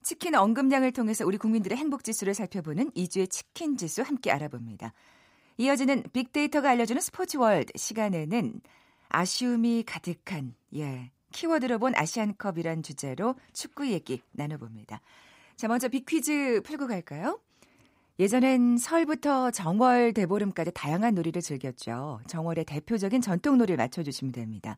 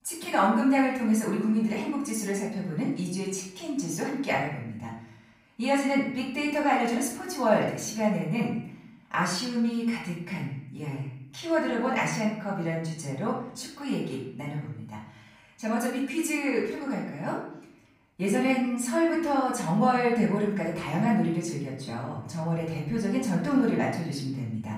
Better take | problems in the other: first | room echo; noticeable; dies away in 0.7 s // off-mic speech; far

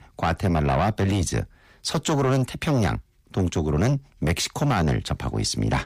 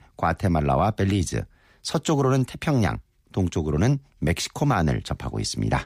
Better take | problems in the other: second | distortion; slight; 10 dB below the speech

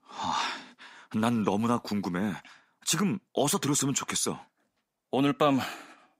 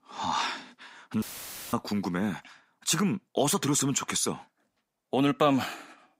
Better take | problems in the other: first | audio cutting out; filled with static; at 1 s for 0.5 s

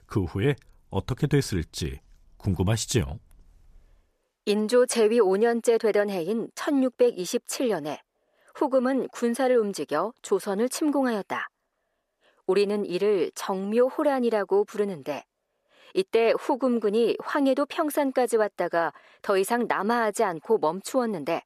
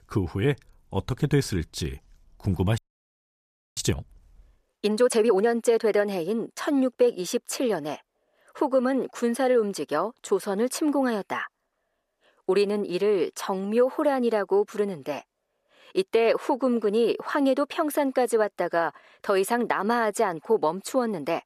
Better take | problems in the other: first | audio freezing; at 3 s for 1 s

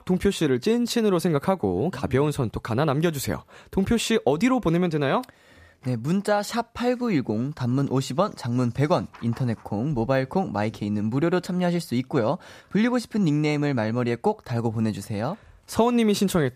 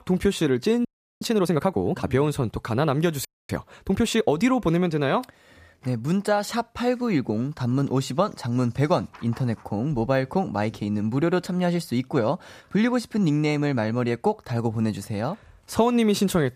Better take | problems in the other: first | audio freezing; at 1 s and at 3.5 s

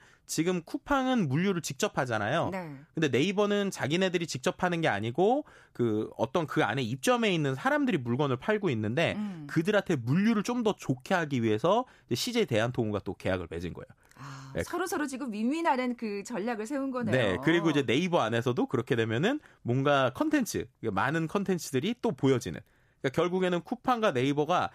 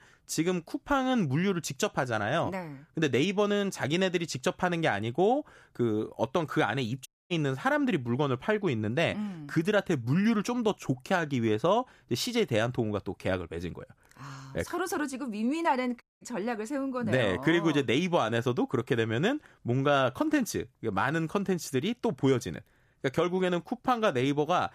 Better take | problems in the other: first | audio cutting out; at 7 s and at 16 s

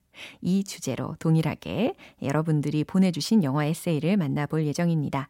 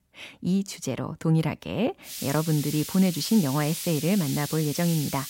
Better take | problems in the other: first | hiss; loud; from 2 s on; 8 dB below the speech

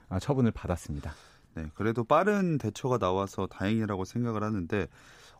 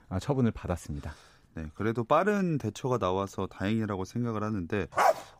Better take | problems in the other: first | dog barking; loud; at 5 s; peak 4 dB above the speech

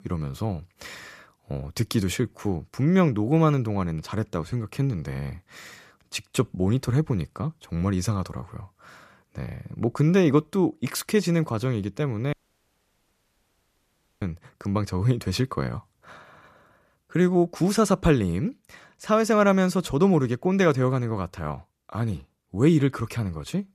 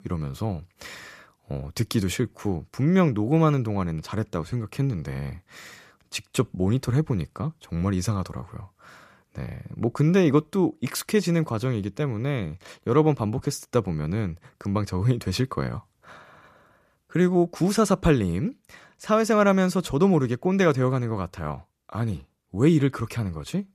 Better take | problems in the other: second | audio cutting out; at 12 s for 2 s

